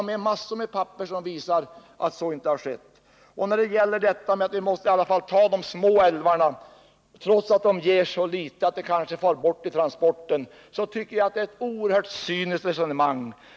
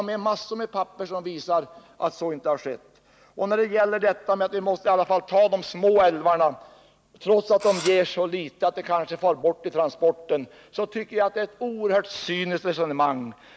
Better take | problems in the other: first | background sound (Engine / Drill); 13 dB below the speech

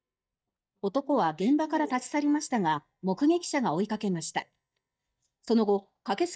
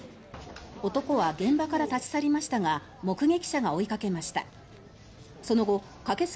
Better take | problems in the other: second | noise reduction (neural mask model DeepFilterNet 3)

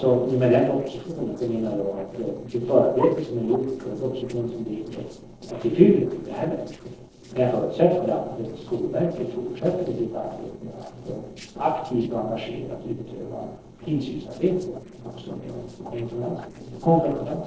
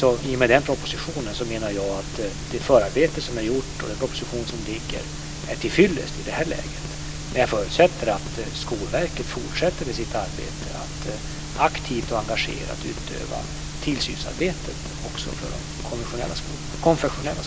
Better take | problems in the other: second | noise reduction (neural separator model SepFormer DNS4)

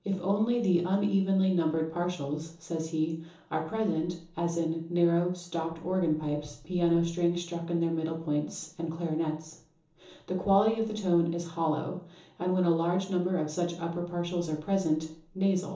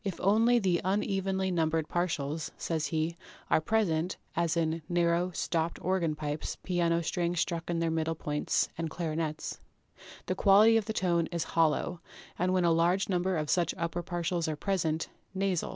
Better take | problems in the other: second | room echo; dies away in 1.2 s

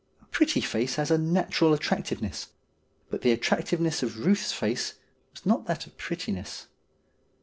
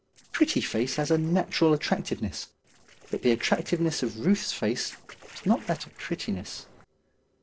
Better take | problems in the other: first | noise reduction (neural separator model SepFormer DNS4)

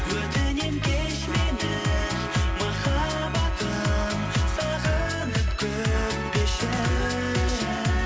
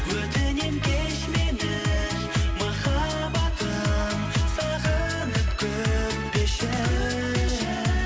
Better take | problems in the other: second | background sound (Trumpet); 13 dB below the speech

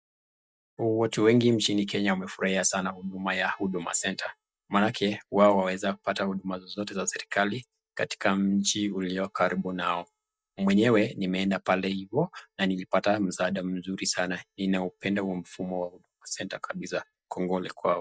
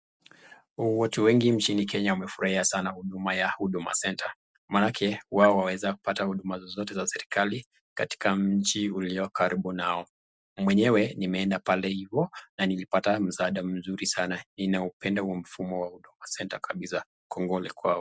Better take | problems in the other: second | noise reduction (neural mask model DeepFilterNet 3)

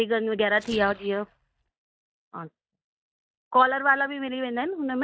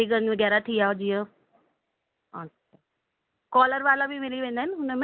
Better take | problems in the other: second | noise reduction (neural mask model DeepFilterNet 3)

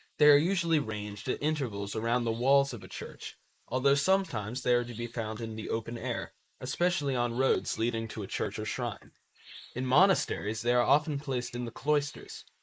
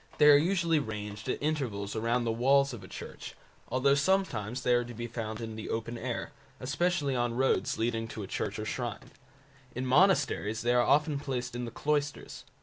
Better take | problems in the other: second | noise reduction (neural mask model Resemble Enhance denoiser)

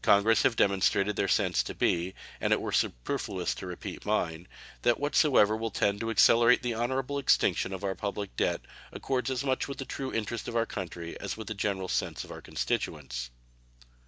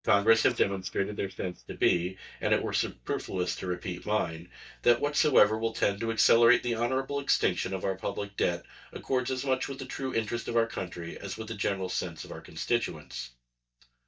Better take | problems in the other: first | noise reduction (neural mask model DeepFilterNet 3)

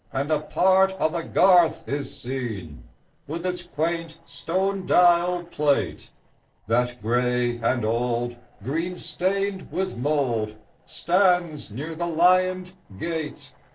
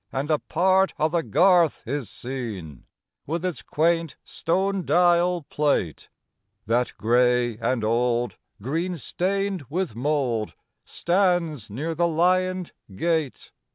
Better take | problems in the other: second | noise reduction (neural separator model SepFormer DNS4)

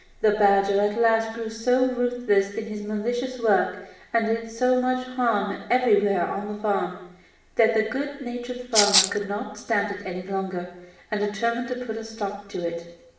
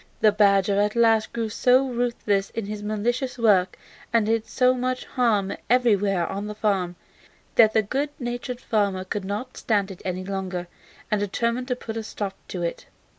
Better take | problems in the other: second | background sound (Rattle (instrument)); 3 dB above the speech // room echo; dies away in 0.9 s

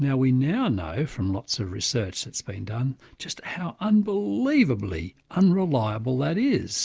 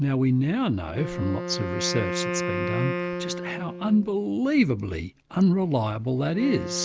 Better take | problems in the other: first | background sound (Wind instrument, woodwind instrument); 8 dB below the speech

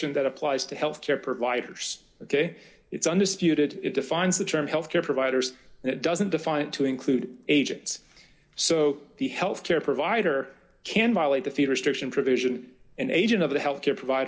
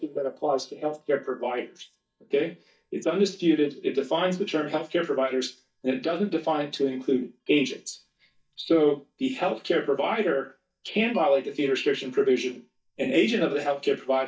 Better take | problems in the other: first | noise reduction (neural mask model DeepFilterNet 3)

